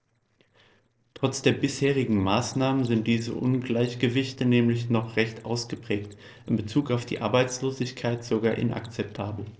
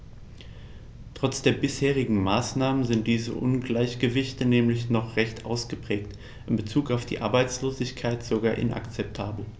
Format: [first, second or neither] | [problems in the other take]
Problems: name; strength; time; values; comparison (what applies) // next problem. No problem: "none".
second | noise reduction (neural separator model SepFormer DNS4)